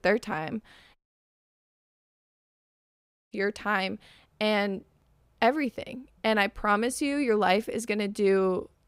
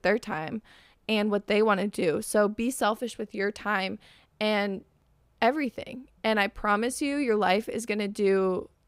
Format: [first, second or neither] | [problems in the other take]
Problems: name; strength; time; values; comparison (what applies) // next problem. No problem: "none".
second | audio cutting out; at 1 s for 2.5 s